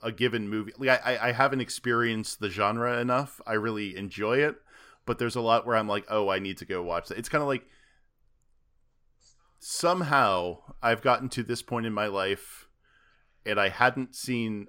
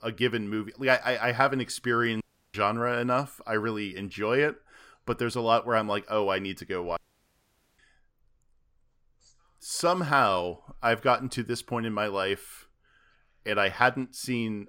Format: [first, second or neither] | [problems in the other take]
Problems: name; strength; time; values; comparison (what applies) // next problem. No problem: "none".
first | audio cutting out; at 2 s and at 7 s for 1 s